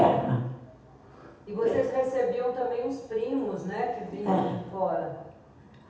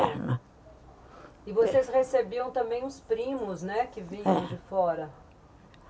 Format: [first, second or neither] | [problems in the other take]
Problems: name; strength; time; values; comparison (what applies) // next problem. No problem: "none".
second | room echo; dies away in 0.8 s